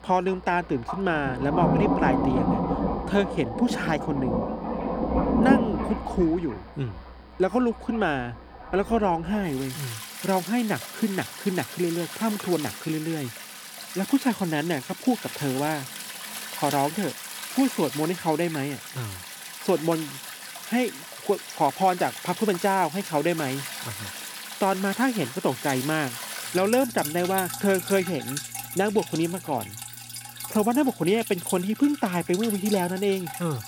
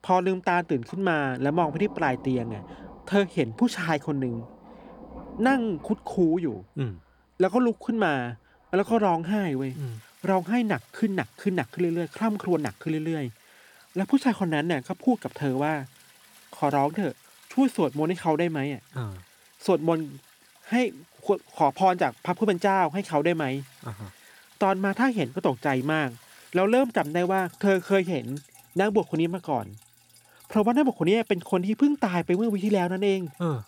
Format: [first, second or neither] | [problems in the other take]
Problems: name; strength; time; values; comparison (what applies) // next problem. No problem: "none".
second | rain or running water; loud; throughout; 5 dB below the speech; faint in the second